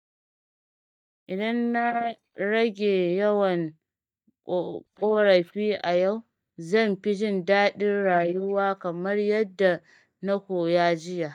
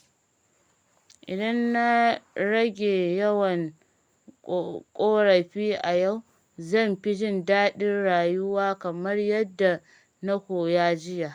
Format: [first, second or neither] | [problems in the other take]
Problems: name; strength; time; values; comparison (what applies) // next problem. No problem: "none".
second | noise reduction (neural mask model DeepFilterNet 3)